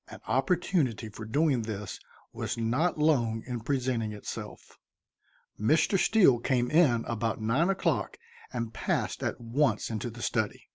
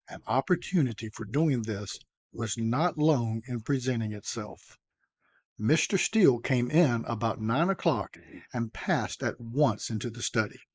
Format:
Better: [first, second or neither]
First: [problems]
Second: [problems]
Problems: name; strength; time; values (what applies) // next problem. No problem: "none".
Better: first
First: none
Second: noise reduction (neural mask model Resemble Enhance denoiser)